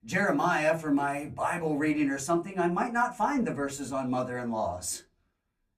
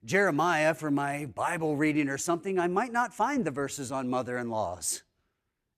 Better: second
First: off-mic speech; far // room echo; very slight; dies away in 0.2 s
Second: none

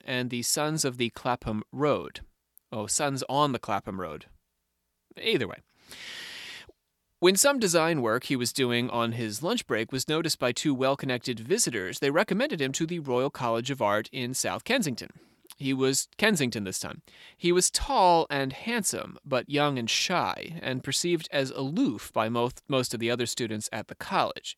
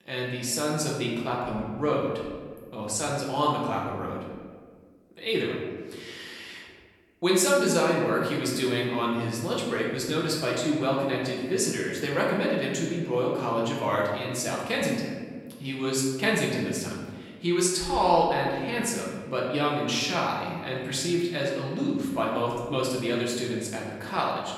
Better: first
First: none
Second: room echo; noticeable; dies away in 1.4 s // off-mic speech; far

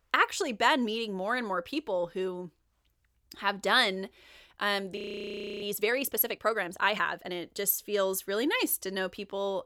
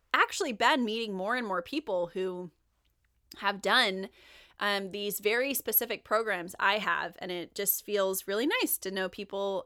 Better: second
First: audio freezing; at 5 s for 0.5 s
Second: none

